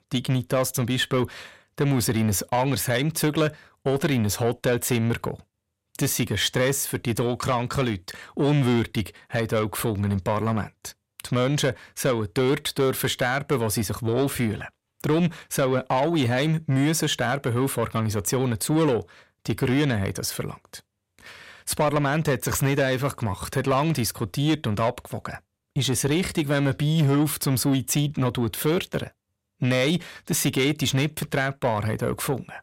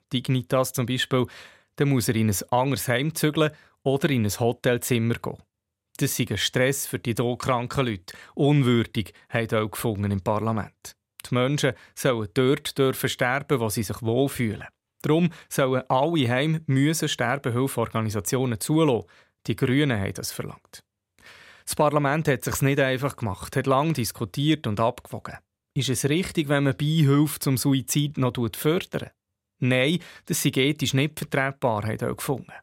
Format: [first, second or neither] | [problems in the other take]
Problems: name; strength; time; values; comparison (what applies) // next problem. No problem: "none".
second | distortion; slight; 10 dB below the speech